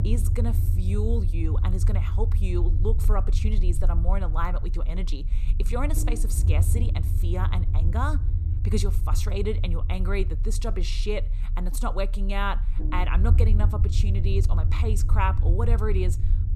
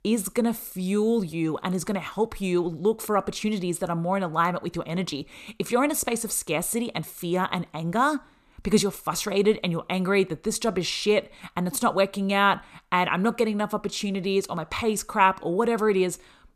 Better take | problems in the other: second | low rumble; loud; throughout; 9 dB below the speech

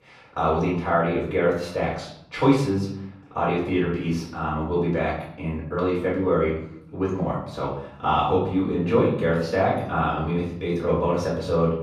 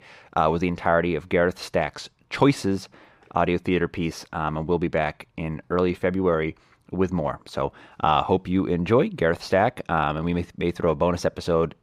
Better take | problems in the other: second | off-mic speech; far // room echo; noticeable; dies away in 0.7 s

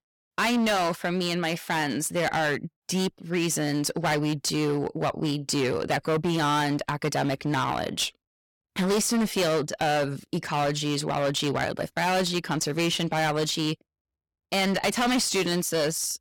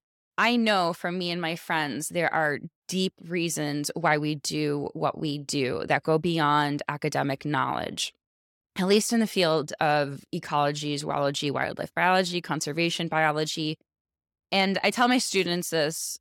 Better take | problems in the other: second | distortion; heavy; 15% of the sound clipped

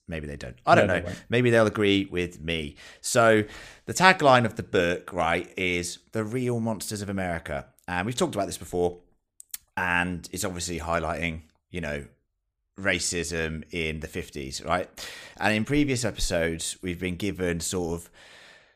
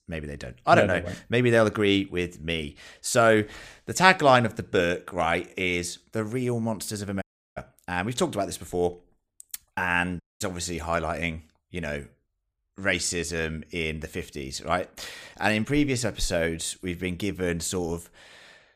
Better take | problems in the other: first | audio cutting out; at 7 s and at 10 s

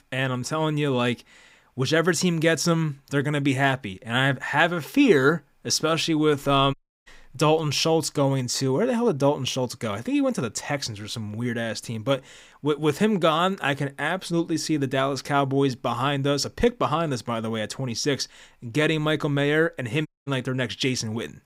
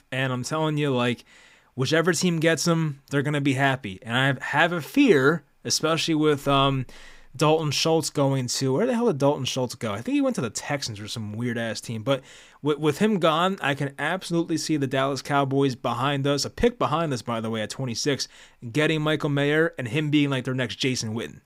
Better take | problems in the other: second | audio cutting out; at 6.5 s and at 20 s

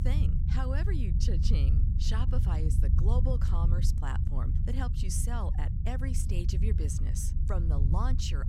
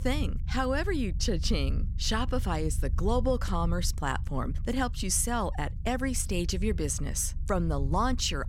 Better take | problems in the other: second | low rumble; loud; throughout; 4 dB below the speech; faint in the second

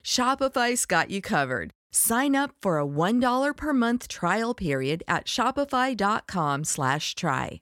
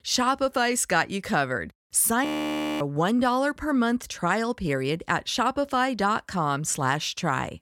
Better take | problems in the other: first | audio freezing; at 2.5 s for 0.5 s

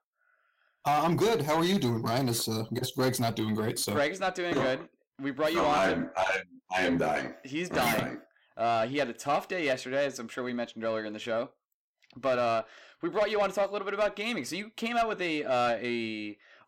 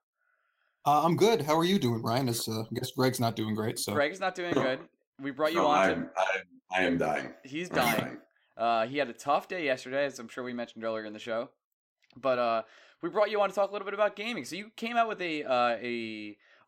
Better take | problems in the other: second | distortion; slight; 10 dB below the speech

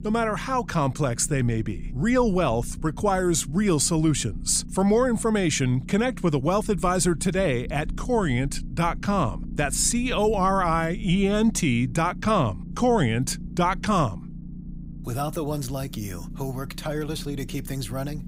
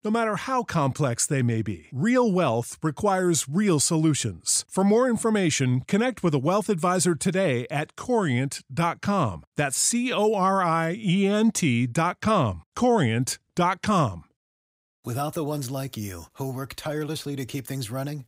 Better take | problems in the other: second | low rumble; faint; throughout; 20 dB below the speech

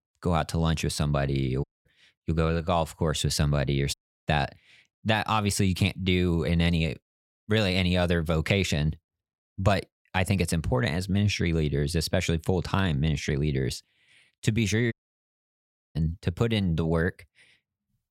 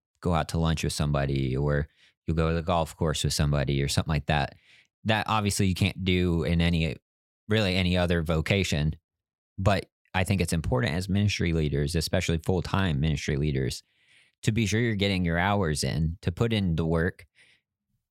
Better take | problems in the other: second | audio cutting out; at 1.5 s, at 4 s and at 15 s for 1 s

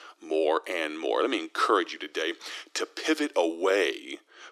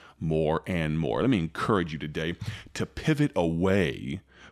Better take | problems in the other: second | thin; very; fading below 300 Hz

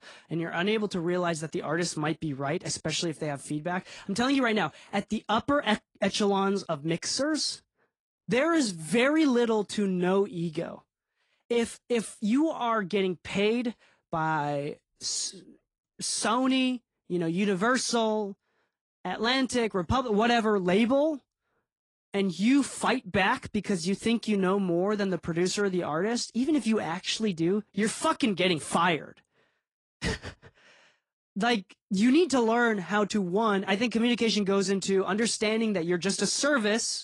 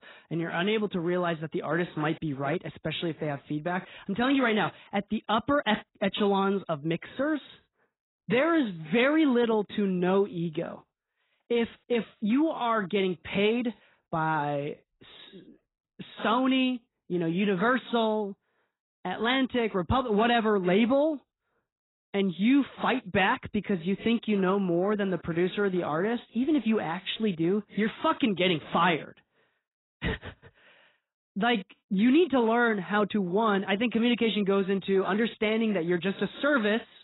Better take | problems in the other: first | garbled, watery; badly; nothing above 4 kHz; slightly in the first

